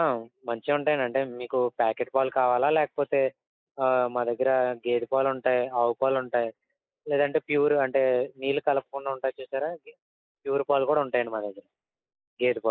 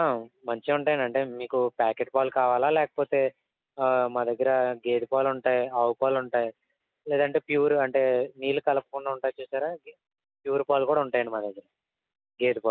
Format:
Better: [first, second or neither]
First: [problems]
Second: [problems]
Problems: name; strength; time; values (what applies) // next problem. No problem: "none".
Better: second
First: noise reduction (neural mask model Resemble Enhance denoiser)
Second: none